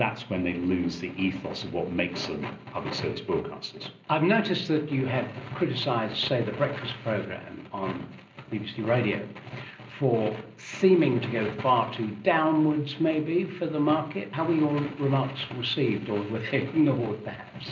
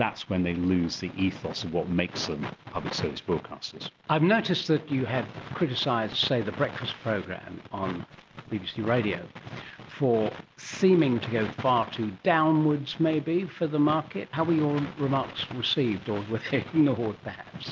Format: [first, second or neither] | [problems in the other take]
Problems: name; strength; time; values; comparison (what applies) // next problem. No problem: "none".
second | room echo; dies away in 0.5 s